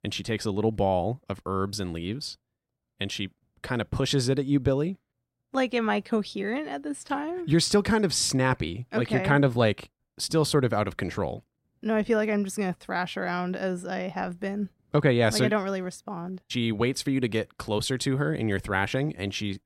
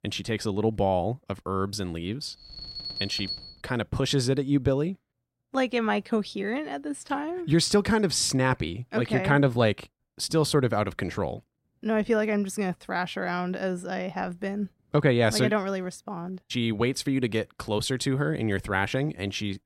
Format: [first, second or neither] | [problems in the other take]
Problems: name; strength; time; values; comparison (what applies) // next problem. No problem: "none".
first | alarm; noticeable; from 2.5 to 3.5 s; peak 3 dB below the speech